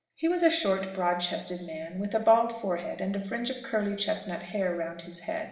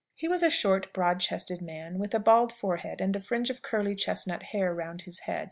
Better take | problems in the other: second | room echo; dies away in 1.2 s

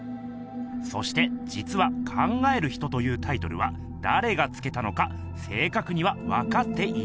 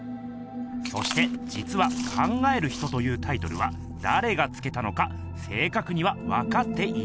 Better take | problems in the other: first | background sound (Chewing, mastication); 15 dB below the speech

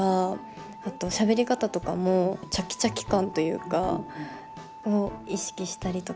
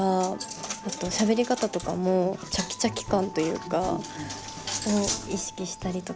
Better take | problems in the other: first | background sound (Coin (dropping)); 10 dB below the speech

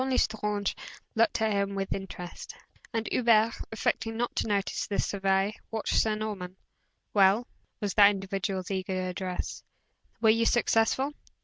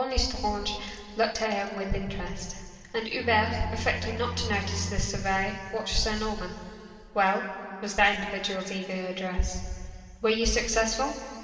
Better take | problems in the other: first | background sound (Bowed string instrument); 6 dB below the speech // room echo; dies away in 2.5 s

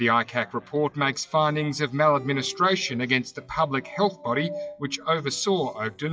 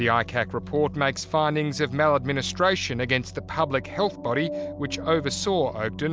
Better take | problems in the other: second | noise reduction (classical method WPE with log-MMSE)

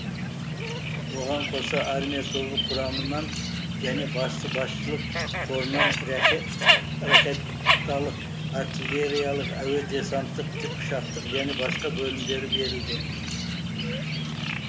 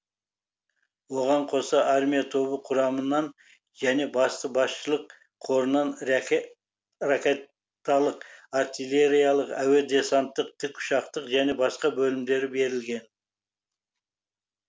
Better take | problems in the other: second | background sound (Bird); 4 dB above the speech

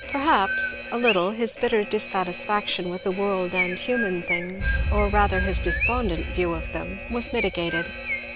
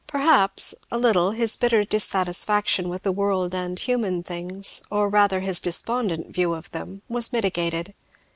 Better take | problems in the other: second | background sound (Chirp, tweet + Alarm); 3 dB below the speech

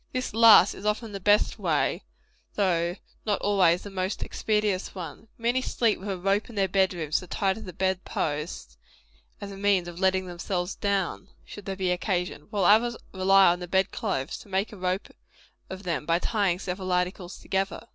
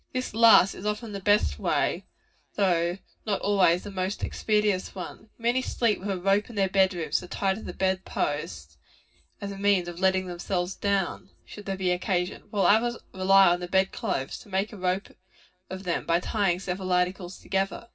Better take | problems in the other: first | room echo; dies away in 0.4 s

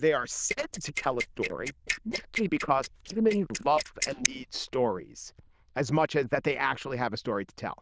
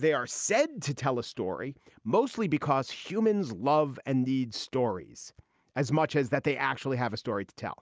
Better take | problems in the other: second | noise reduction (neural diffusion model UNIVERSE++)

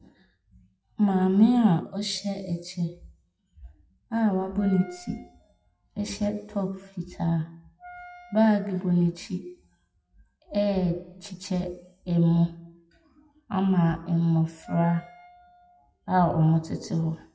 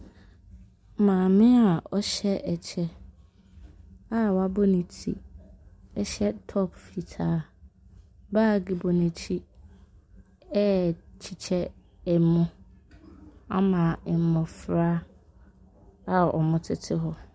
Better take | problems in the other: second | noise reduction (classical method WPE with log-MMSE)

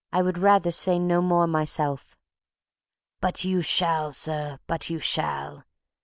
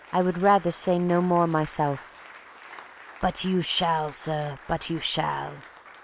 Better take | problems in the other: first | background sound (Applause); 19 dB below the speech

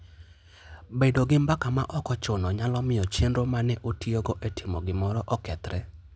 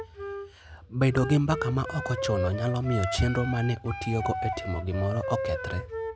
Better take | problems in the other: first | background sound (Wind instrument, woodwind instrument); 6 dB below the speech

